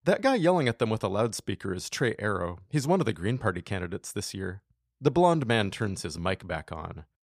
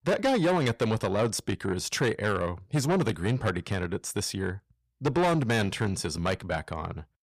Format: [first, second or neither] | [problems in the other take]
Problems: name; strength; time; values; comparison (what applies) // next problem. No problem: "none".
first | distortion; heavy; 7 dB below the speech